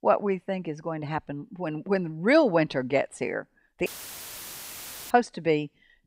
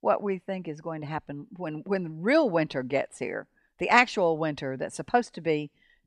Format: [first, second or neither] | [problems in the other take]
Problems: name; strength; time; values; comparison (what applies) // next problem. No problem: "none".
second | audio cutting out; filled with static; at 4 s for 1.5 s